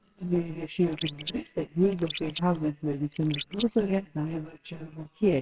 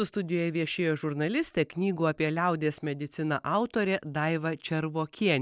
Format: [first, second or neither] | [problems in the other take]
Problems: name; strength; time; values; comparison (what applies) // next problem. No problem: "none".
second | noise reduction (neural separator model SepFormer WHAMR!)